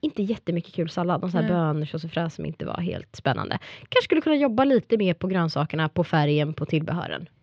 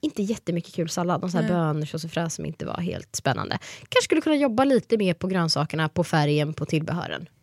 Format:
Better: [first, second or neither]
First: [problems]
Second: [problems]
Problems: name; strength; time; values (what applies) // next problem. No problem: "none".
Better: second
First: muffled; slightly; fading above 3.5 kHz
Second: none